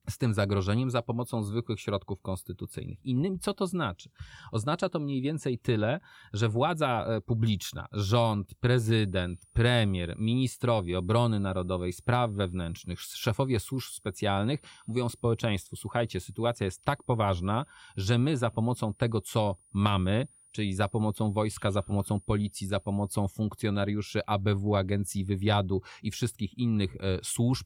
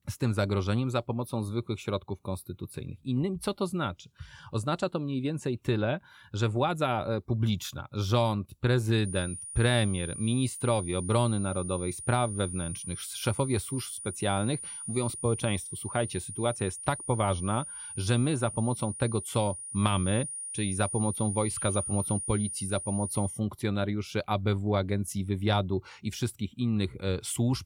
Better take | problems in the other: first | high-pitched whine; loud; from 9 to 23 s; 9.5 kHz, 7 dB below the speech; faint in the first

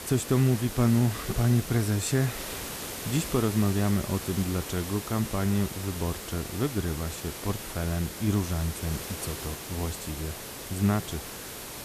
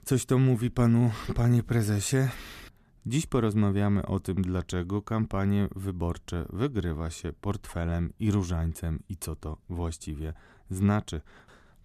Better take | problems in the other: second | hiss; loud; throughout; 8 dB below the speech

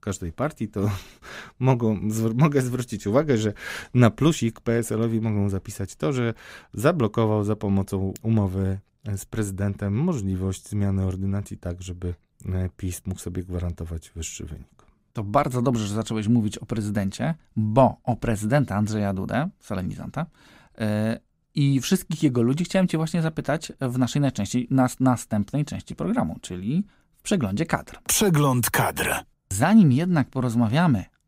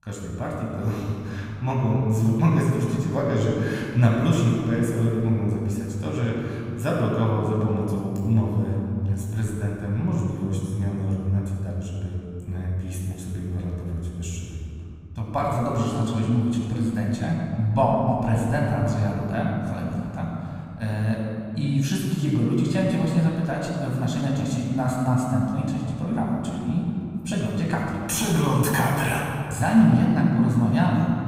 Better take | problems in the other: first | off-mic speech; far // room echo; noticeable; dies away in 2.7 s

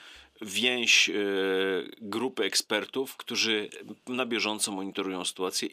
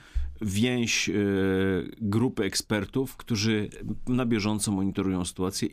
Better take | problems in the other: second | thin; somewhat; fading below 450 Hz

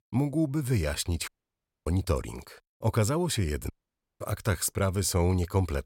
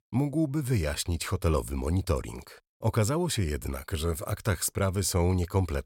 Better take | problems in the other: second | audio cutting out; at 1.5 s for 0.5 s and at 3.5 s for 0.5 s

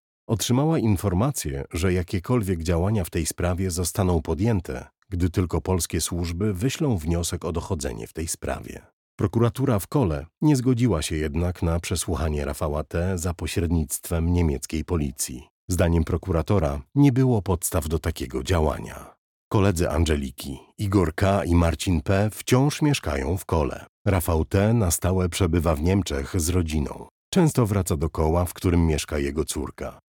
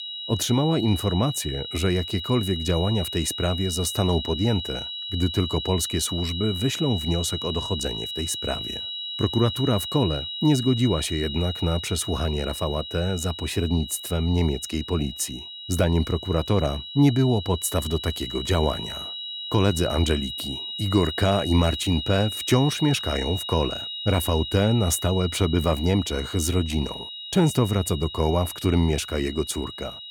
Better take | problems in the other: first | high-pitched whine; loud; throughout; 4 kHz, 7 dB below the speech

